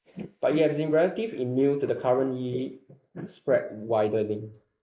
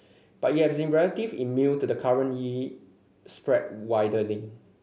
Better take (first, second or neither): second